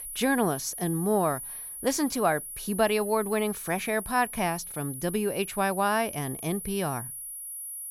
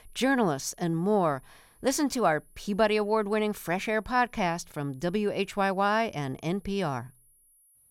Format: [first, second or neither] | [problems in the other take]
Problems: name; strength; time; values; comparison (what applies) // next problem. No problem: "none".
second | high-pitched whine; loud; throughout; 10 kHz, 8 dB below the speech; faint in the second